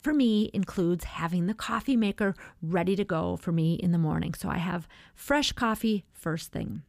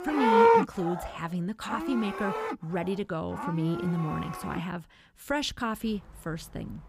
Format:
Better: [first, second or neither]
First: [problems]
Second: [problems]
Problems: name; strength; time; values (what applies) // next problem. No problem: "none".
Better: first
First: none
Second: animal sounds; very loud; throughout; 4 dB above the speech